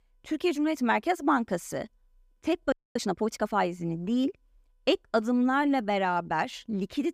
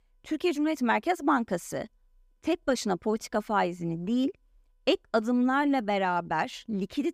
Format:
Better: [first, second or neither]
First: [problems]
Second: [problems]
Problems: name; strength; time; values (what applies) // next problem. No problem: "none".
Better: second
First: audio freezing; at 2.5 s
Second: none